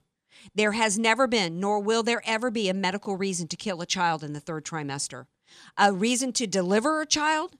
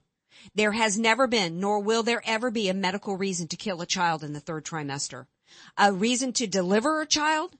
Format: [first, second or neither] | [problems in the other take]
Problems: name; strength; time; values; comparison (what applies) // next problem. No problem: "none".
first | garbled, watery; slightly; nothing above 8 kHz